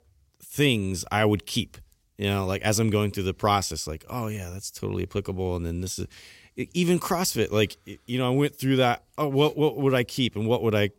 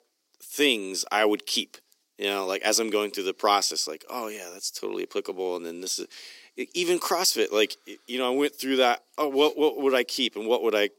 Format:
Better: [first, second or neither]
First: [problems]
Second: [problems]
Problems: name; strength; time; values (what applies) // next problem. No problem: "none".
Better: first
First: none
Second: thin; somewhat; fading below 300 Hz